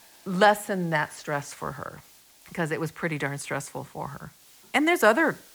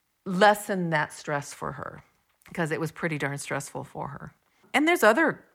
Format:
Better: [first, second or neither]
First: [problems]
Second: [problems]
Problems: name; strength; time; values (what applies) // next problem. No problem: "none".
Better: second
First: hiss; faint; throughout; 25 dB below the speech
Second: none